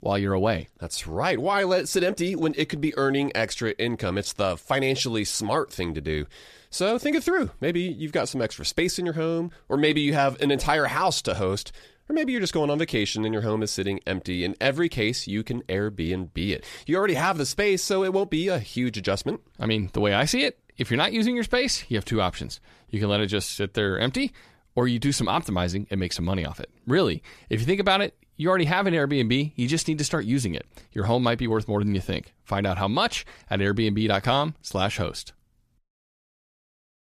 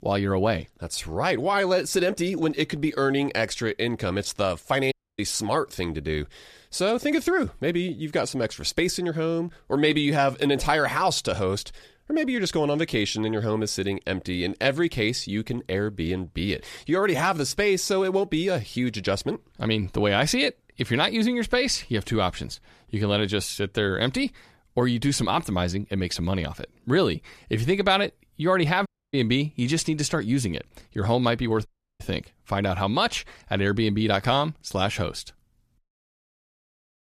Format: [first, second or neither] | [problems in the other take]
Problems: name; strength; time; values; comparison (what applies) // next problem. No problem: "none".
first | audio cutting out; at 5 s, at 29 s and at 32 s